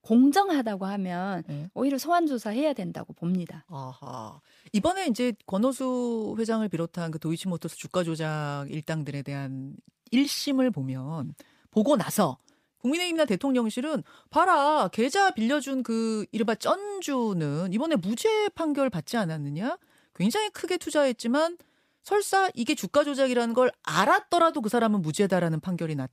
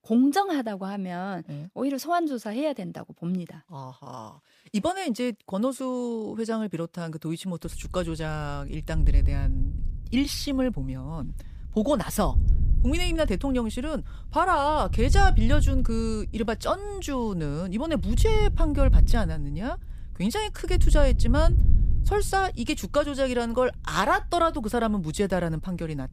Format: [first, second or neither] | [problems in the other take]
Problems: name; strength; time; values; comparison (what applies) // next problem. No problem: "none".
first | wind noise on the microphone; occasional gusts; from 7.5 s on; 15 dB below the speech